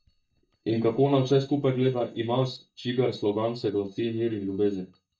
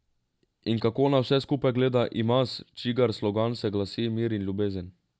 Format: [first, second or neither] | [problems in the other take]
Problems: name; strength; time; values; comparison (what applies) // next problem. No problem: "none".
second | noise reduction (neural mask model DeepFilterNet 3)